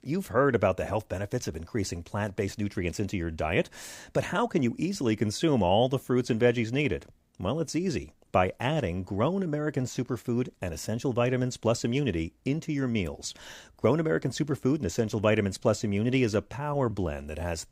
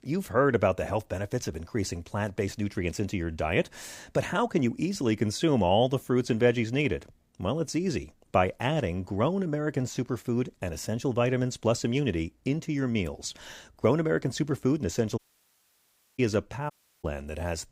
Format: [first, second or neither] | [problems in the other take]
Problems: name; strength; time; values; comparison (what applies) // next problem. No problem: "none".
first | audio cutting out; at 15 s for 1 s and at 17 s